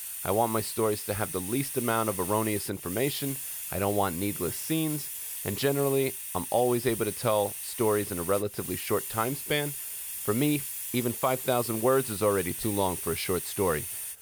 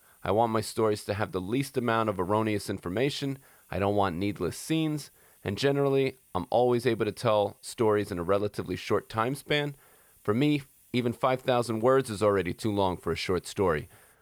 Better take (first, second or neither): second